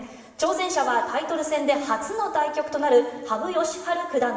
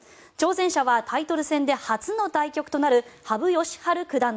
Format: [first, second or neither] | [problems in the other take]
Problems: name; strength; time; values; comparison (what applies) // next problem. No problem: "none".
second | room echo; dies away in 1.2 s